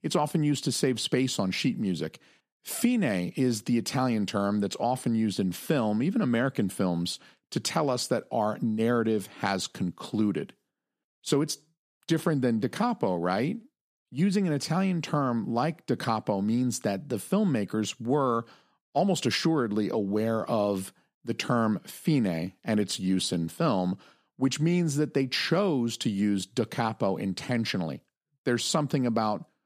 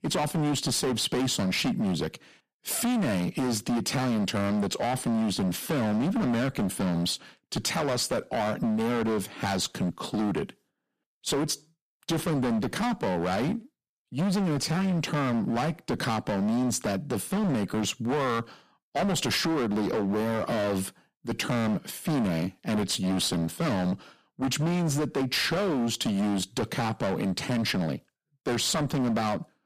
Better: first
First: none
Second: distortion; heavy; 25% of the sound clipped

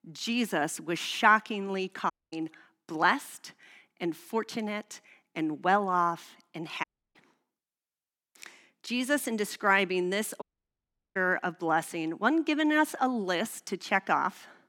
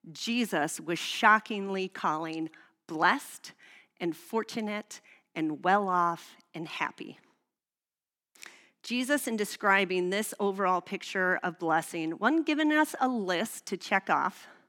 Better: second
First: audio cutting out; at 2 s, at 7 s and at 10 s for 0.5 s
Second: none

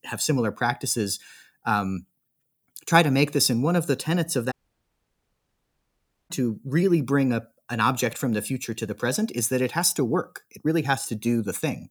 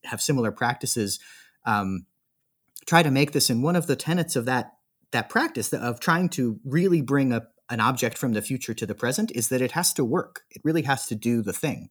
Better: second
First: audio cutting out; at 4.5 s for 2 s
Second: none

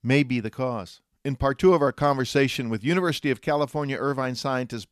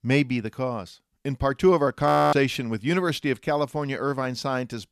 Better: first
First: none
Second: audio freezing; at 2 s

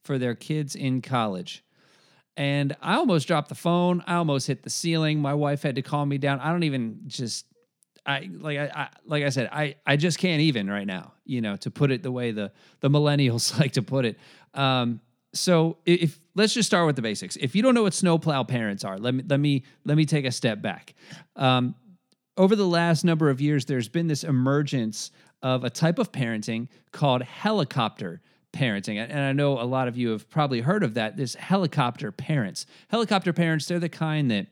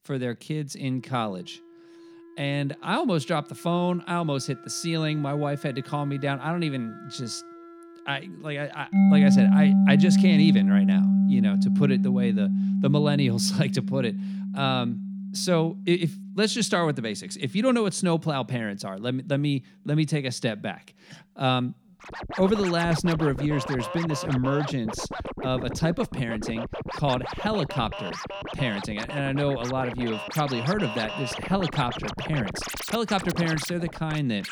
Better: first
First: none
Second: background music; very loud; throughout; 2 dB above the speech

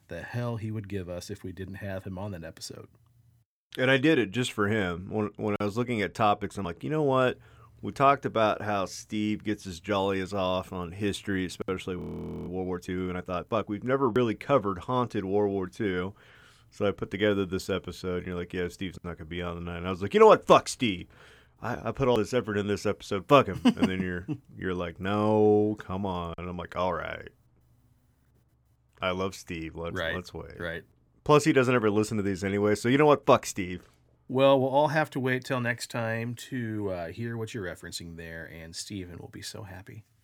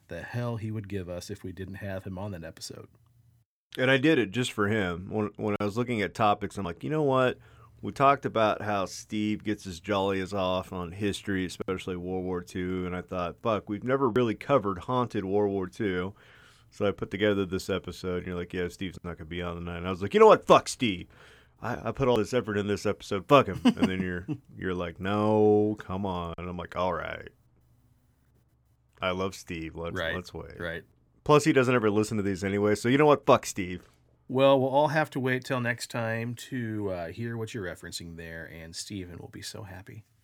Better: second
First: audio freezing; at 12 s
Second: none

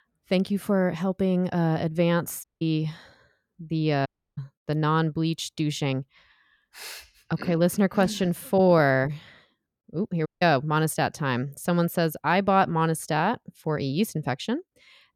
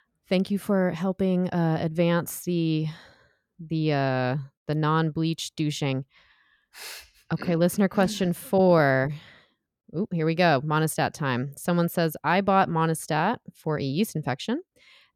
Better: second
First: audio cutting out; at 2.5 s, at 4 s and at 10 s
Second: none

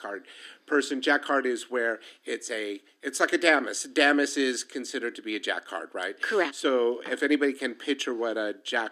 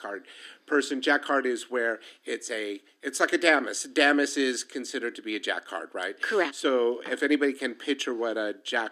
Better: neither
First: thin; somewhat; fading below 300 Hz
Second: thin; somewhat; fading below 300 Hz

